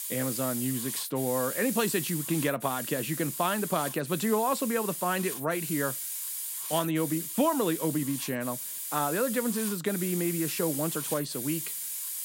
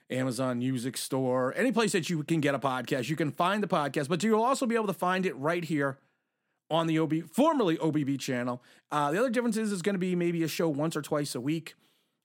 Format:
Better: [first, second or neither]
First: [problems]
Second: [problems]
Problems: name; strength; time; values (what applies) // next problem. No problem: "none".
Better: second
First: hiss; loud; throughout; 3 dB below the speech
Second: none